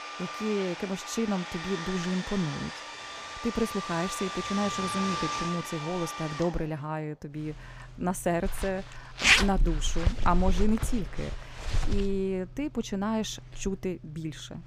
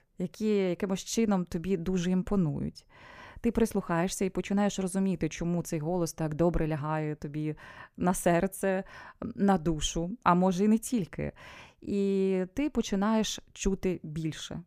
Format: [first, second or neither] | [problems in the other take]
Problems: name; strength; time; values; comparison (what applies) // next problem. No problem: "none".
second | household noises; very loud; throughout; as loud as the speech